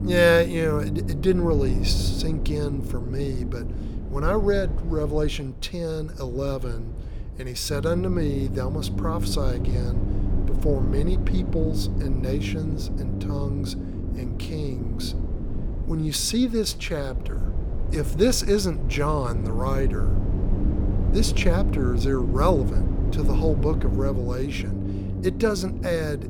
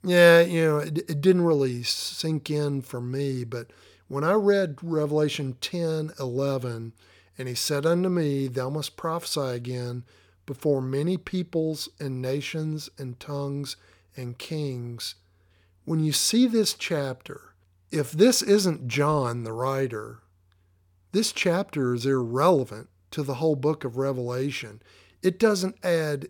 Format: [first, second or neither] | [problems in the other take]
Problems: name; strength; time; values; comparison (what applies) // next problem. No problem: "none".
second | low rumble; loud; throughout; 10 dB below the speech